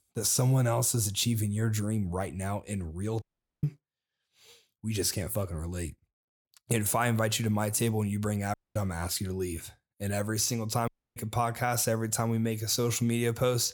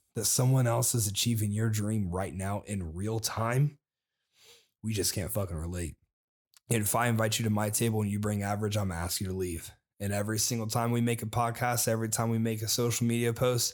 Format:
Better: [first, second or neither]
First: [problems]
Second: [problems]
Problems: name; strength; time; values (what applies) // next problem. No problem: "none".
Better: second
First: audio cutting out; at 3 s, at 8.5 s and at 11 s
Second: none